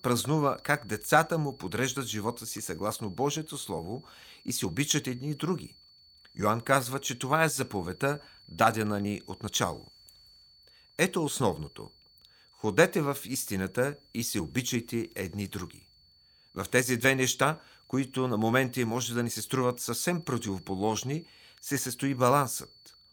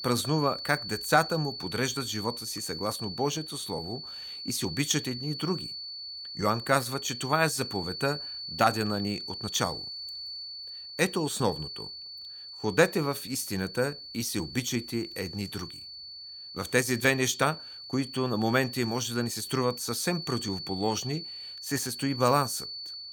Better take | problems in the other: first | high-pitched whine; loud; throughout; 4.5 kHz, 8 dB below the speech; faint in the first

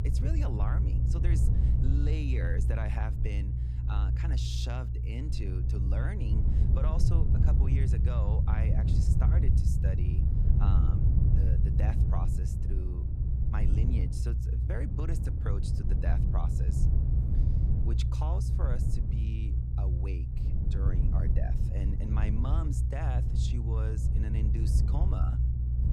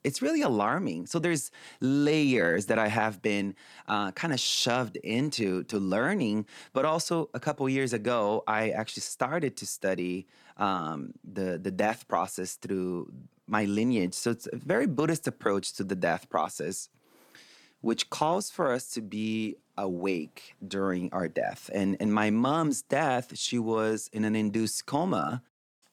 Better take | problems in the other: second | low rumble; loud; throughout; as loud as the speech

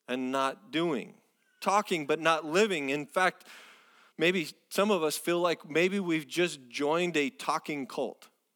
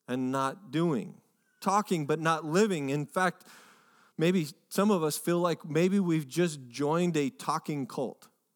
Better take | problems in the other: second | thin; very slightly; fading below 300 Hz

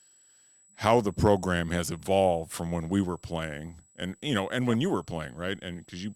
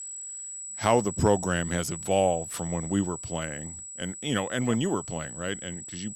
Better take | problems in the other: first | high-pitched whine; loud; throughout; 8 kHz, 9 dB below the speech; faint in the first

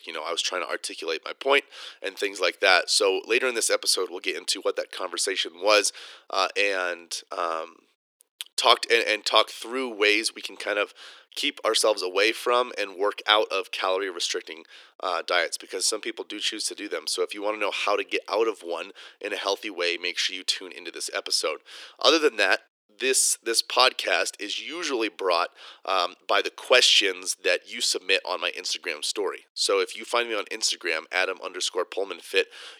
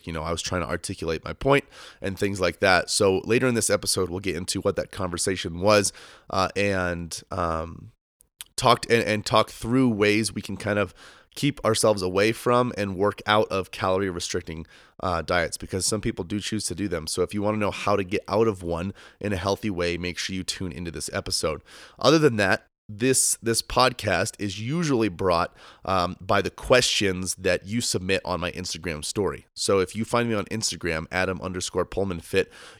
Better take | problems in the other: second | thin; very; fading below 350 Hz

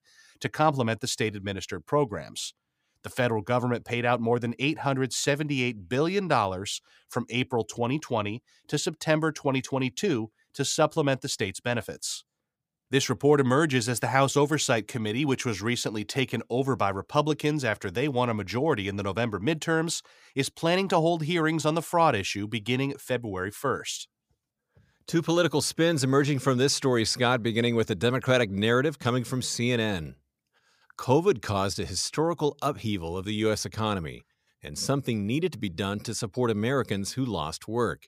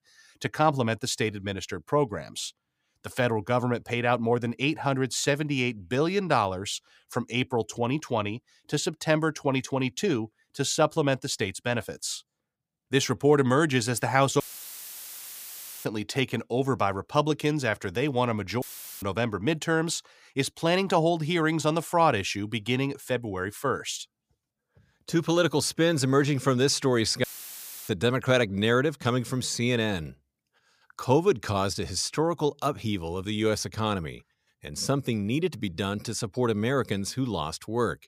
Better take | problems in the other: first | audio cutting out; filled with static; at 14 s for 1.5 s, at 19 s and at 27 s for 0.5 s

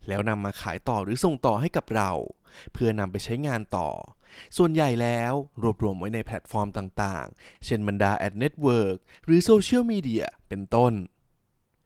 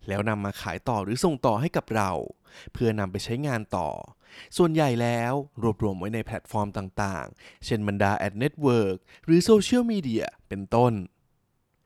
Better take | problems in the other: second | garbled, watery; slightly

